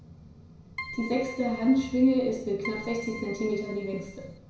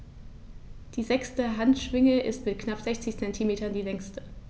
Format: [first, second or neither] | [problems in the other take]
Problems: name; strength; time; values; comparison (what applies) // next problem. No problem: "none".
second | background sound (Keyboard (musical)); 14 dB below the speech // room echo; dies away in 0.6 s